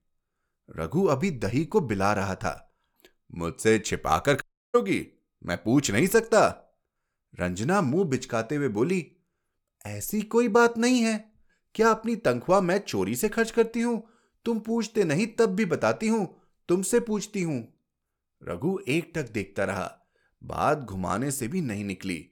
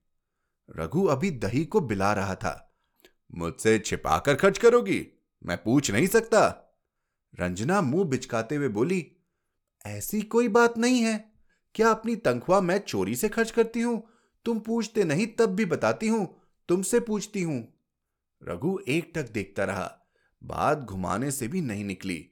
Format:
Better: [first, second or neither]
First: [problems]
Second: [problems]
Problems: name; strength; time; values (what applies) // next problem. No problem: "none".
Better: second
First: audio cutting out; at 4.5 s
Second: none